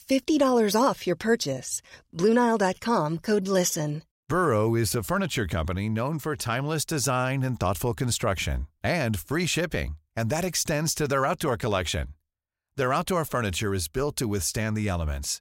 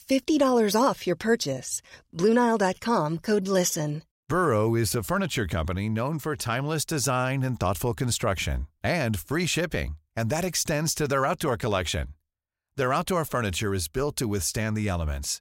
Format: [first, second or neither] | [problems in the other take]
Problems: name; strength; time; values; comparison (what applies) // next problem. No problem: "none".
neither | none